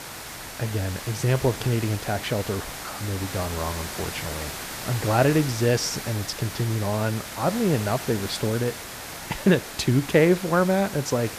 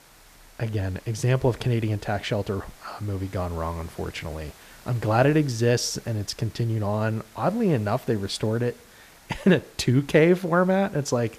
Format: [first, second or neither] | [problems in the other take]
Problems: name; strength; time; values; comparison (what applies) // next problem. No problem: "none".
second | hiss; loud; throughout; 9 dB below the speech; faint in the second